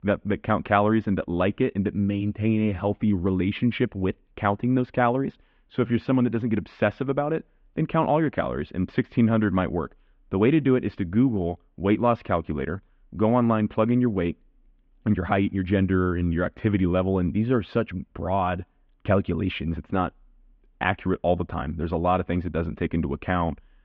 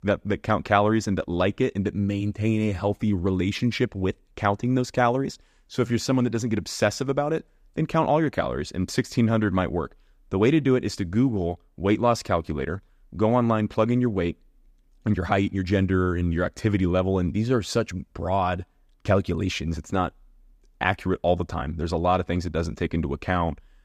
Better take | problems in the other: second | muffled; very; fading above 3 kHz

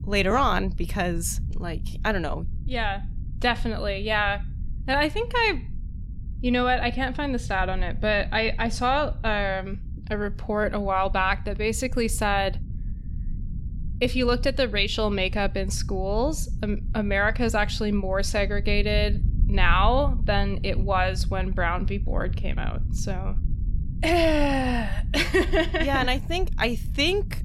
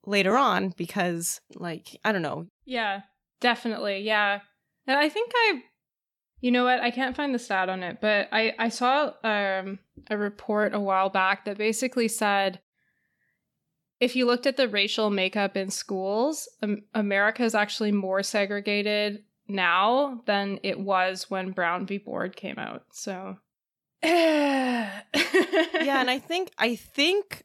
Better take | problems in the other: second | low rumble; faint; throughout; 25 dB below the speech

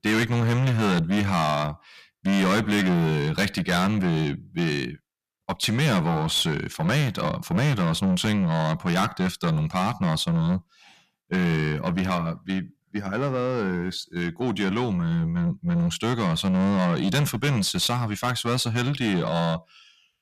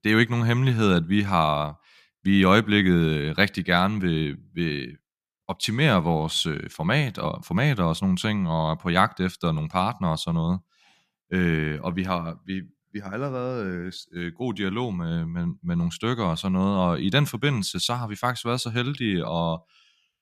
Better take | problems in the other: second | distortion; heavy; 6 dB below the speech

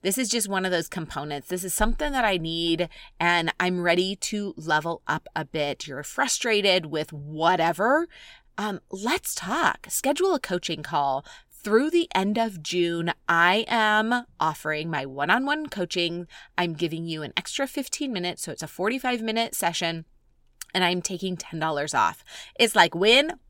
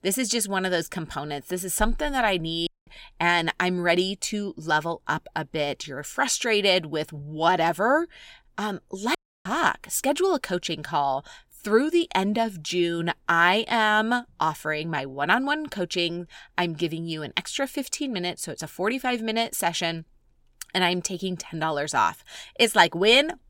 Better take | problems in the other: first | audio cutting out; at 2.5 s and at 9 s

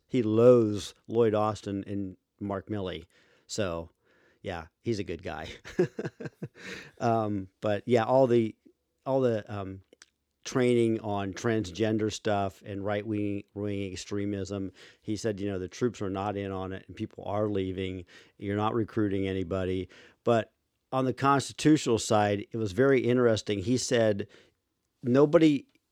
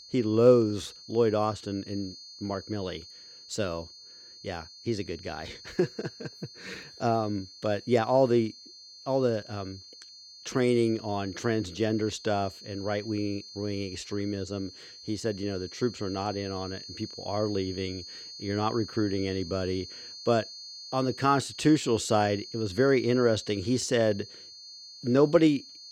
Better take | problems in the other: first | high-pitched whine; noticeable; throughout; 4.5 kHz, 15 dB below the speech

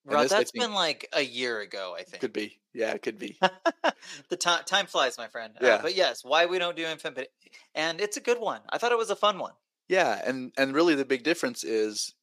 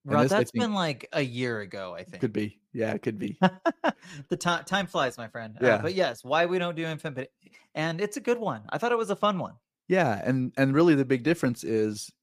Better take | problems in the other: second | thin; somewhat; fading below 400 Hz

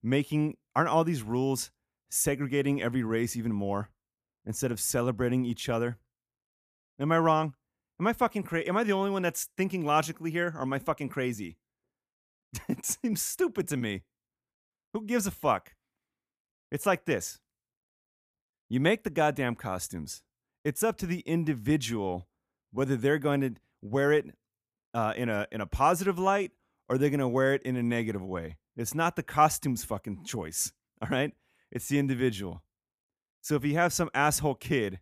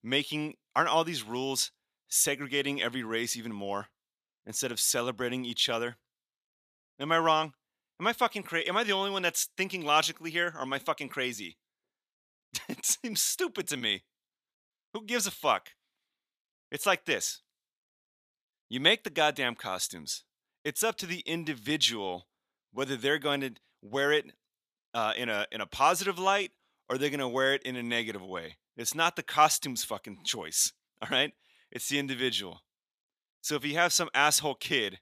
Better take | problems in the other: first | thin; somewhat; fading below 550 Hz

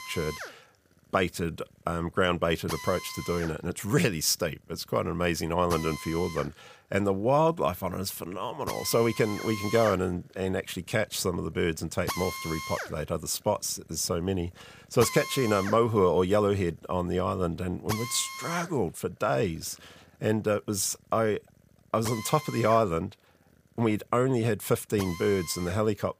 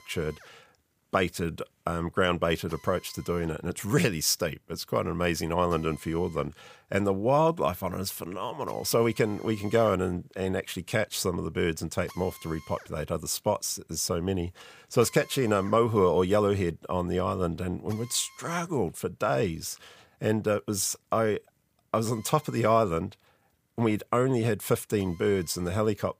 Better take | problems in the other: second | machinery noise; loud; throughout; 10 dB below the speech; faint in the second

